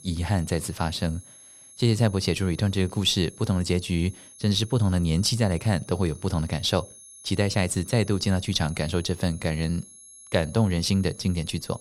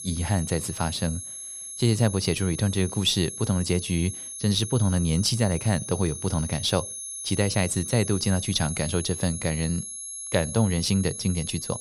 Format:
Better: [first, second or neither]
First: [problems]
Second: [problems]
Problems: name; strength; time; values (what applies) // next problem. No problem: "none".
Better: first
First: high-pitched whine; faint; throughout; 11 kHz, 20 dB below the speech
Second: high-pitched whine; loud; throughout; 11 kHz, 8 dB below the speech